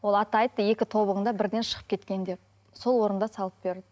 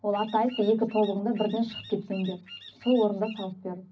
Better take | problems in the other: first | background sound (Bird vocalization, bird call, bird song); 18 dB below the speech // room echo; dies away in 0.4 s

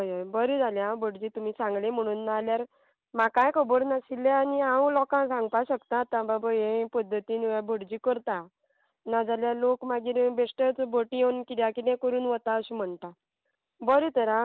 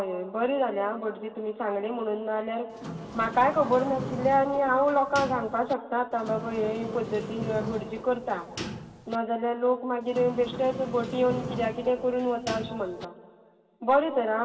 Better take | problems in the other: first | background sound (Sliding door); 10 dB below the speech // room echo; dies away in 2 s

